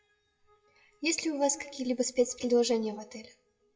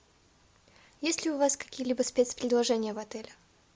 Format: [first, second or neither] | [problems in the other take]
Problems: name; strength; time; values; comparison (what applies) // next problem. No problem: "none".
second | noise reduction (classical method WPE with log-MMSE)